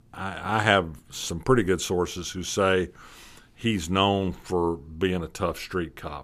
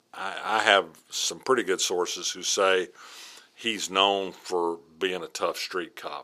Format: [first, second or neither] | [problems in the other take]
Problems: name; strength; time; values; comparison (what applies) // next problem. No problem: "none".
first | thin; somewhat; fading below 450 Hz